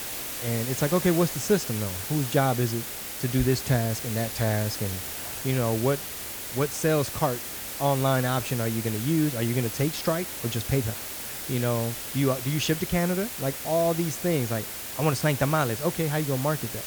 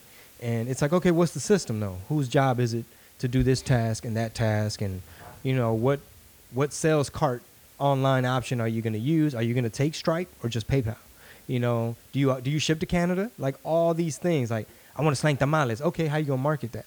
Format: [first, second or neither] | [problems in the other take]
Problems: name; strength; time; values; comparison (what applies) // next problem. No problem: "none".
second | hiss; loud; throughout; 5 dB below the speech; faint in the second